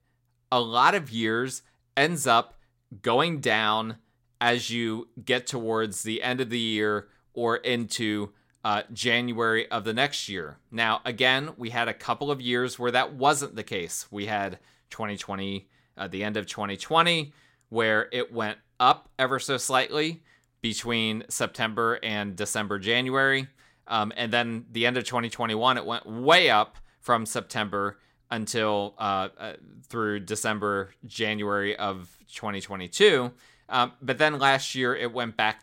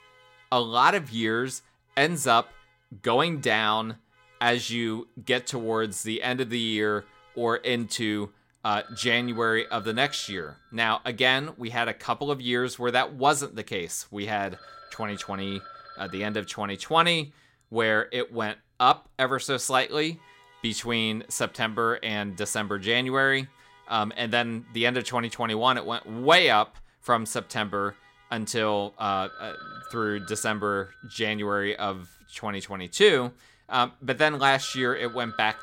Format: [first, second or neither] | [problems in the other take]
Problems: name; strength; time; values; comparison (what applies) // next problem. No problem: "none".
first | alarms or sirens; faint; throughout; 25 dB below the speech